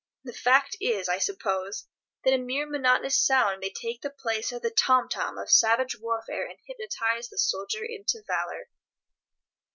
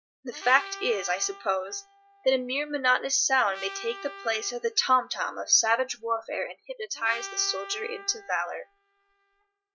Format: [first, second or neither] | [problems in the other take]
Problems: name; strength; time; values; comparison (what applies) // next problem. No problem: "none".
first | noise reduction (classical method log-MMSE)